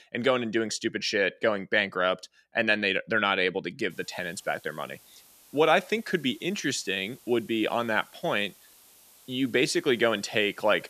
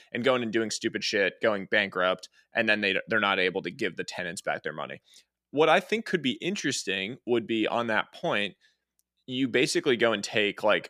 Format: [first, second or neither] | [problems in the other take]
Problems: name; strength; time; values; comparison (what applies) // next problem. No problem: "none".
second | hiss; faint; from 4 s on; 25 dB below the speech